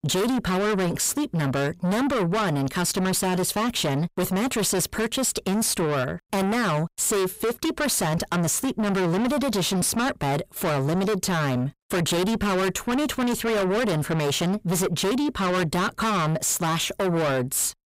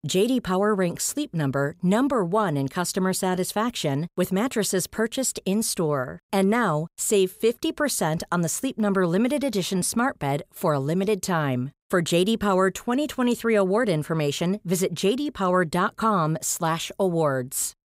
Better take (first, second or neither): second